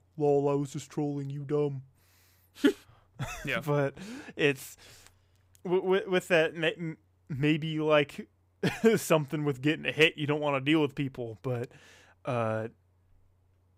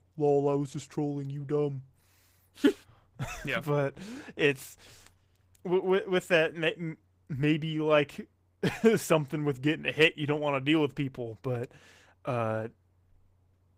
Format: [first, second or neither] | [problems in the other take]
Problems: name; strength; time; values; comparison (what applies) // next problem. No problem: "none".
first | garbled, watery; slightly; nothing above 15.5 kHz